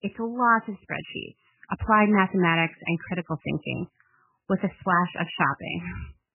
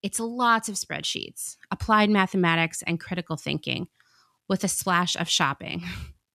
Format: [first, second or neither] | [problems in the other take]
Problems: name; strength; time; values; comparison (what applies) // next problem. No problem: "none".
second | garbled, watery; badly; nothing above 3 kHz